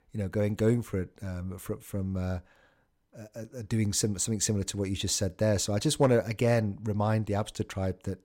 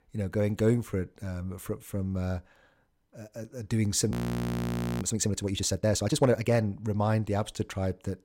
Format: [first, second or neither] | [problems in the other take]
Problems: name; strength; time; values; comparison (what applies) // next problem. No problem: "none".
first | audio freezing; at 4 s for 1 s